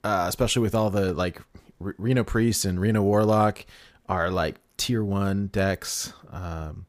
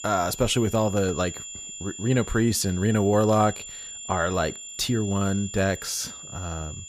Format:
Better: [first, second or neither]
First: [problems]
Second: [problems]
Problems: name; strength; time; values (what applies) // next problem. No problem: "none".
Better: first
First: none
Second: high-pitched whine; noticeable; throughout; 7 kHz, 10 dB below the speech